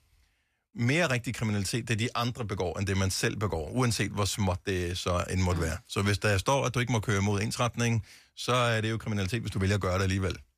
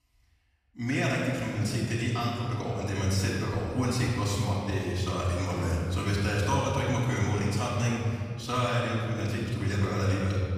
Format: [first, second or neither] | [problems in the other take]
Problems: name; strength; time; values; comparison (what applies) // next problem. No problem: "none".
first | off-mic speech; far // room echo; strong; dies away in 2.7 s